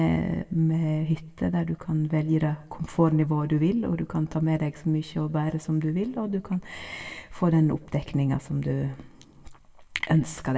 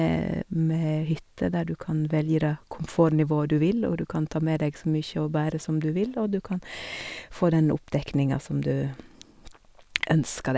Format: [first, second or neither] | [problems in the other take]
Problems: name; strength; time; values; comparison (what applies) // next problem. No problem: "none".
second | room echo; dies away in 0.6 s